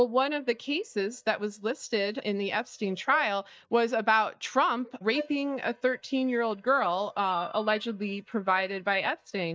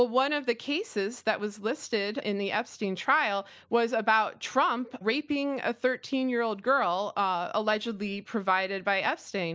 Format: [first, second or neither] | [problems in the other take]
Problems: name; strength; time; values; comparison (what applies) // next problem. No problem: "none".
second | noise reduction (neural mask model DeepFilterNet 3)